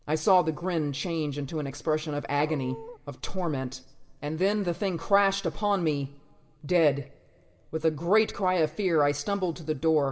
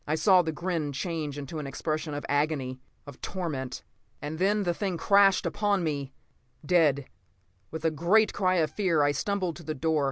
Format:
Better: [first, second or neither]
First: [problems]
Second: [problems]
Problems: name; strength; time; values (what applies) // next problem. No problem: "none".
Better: second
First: background sound (Dog); 13 dB below the speech // room echo; dies away in 0.9 s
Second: none